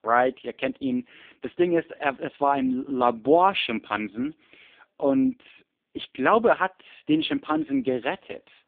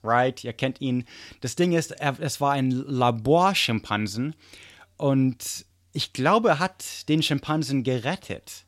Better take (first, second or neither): second